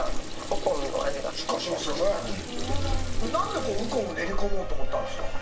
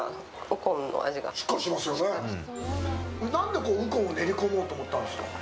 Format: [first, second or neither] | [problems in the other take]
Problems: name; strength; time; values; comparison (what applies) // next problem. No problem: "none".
second | background sound (Sink (filling or washing) / Water tap, faucet); 2 dB above the speech // room echo; dies away in 0.2 s